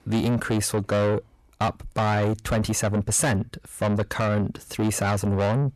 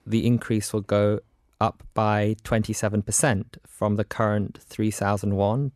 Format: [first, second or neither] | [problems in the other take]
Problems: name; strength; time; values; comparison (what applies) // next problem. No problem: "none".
second | distortion; heavy; 7 dB below the speech